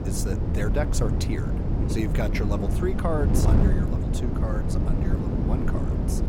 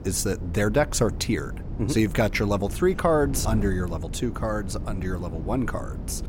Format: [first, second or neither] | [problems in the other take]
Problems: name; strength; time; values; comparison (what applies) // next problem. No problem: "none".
second | wind noise on the microphone; heavy; 1 dB below the speech; occasional gusts in the second